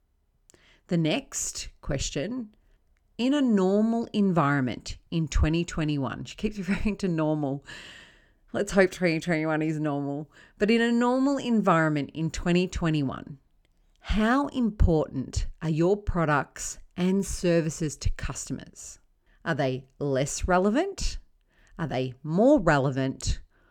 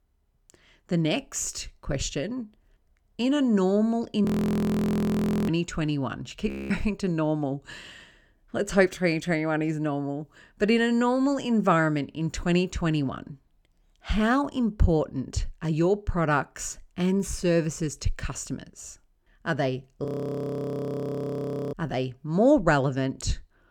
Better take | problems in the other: first | audio freezing; at 4.5 s for 1 s, at 6.5 s and at 20 s for 1.5 s

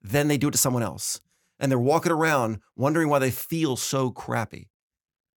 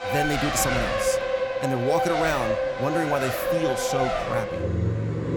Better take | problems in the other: first | traffic noise; very loud; throughout; 2 dB above the speech

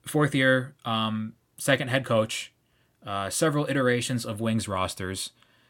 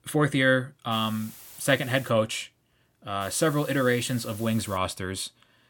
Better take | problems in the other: first | hiss; noticeable; from 1 to 2 s and from 3 to 5 s; 20 dB below the speech

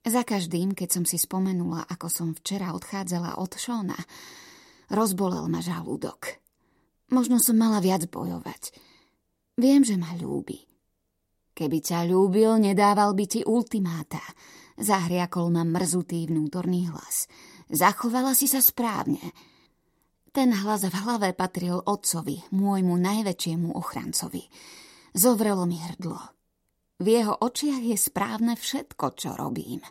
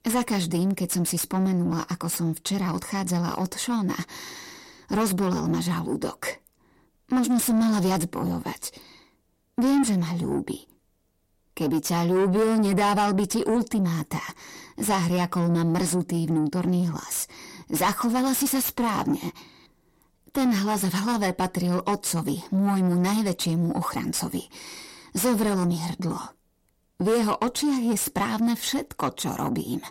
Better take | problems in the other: first | distortion; heavy; 7 dB below the speech

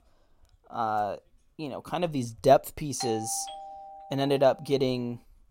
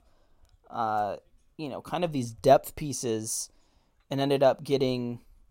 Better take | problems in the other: second | doorbell; noticeable; from 3 to 4.5 s; peak 8 dB below the speech

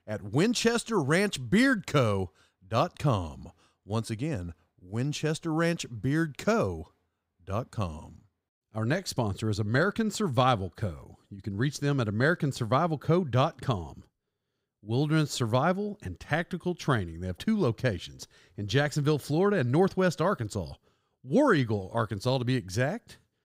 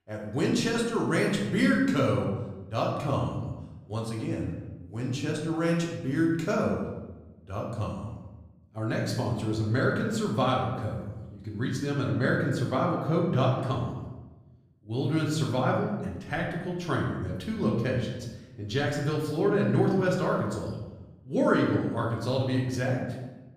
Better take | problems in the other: first | room echo; noticeable; dies away in 1 s // off-mic speech; far

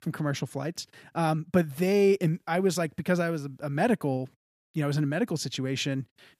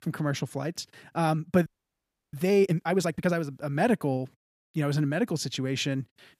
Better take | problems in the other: first | audio freezing; at 1.5 s for 0.5 s

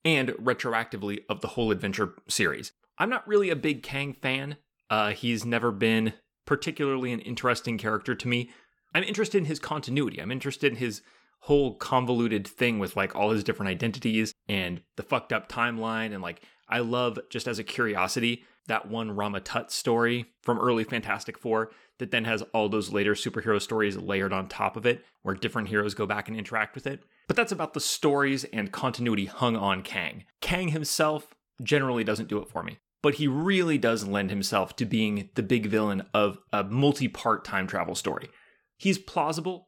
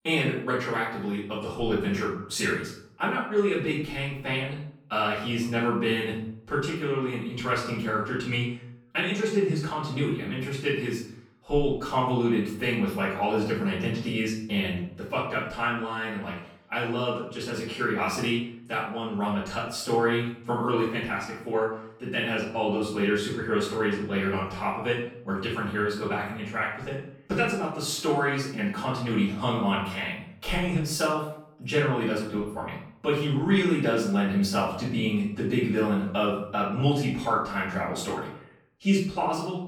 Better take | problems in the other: first | off-mic speech; far // room echo; noticeable; dies away in 0.5 s

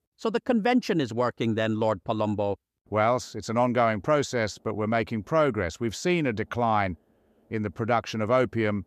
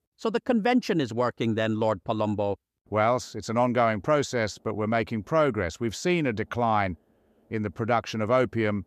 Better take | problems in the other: neither | none

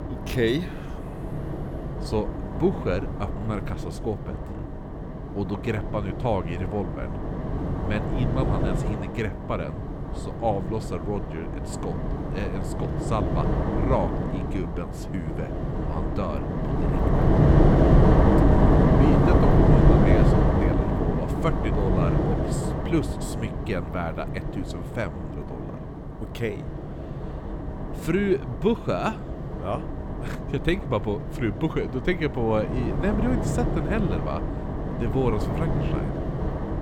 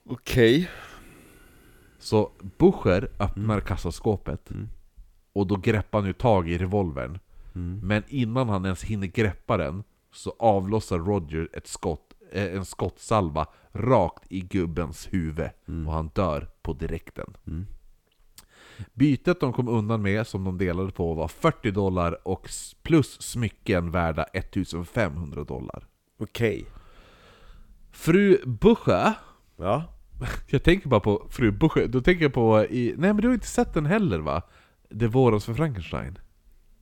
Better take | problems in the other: second | wind noise on the microphone; heavy; 1 dB above the speech

